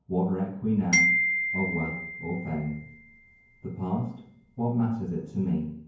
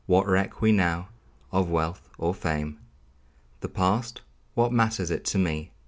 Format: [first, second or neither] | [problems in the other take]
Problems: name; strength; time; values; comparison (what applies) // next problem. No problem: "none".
second | background sound (Glockenspiel); as loud as the speech // room echo; dies away in 0.9 s